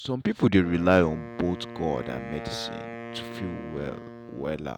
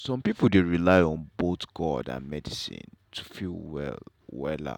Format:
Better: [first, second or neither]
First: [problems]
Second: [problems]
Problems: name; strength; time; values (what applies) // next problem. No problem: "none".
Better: second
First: background sound (Wind instrument, woodwind instrument); 12 dB below the speech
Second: none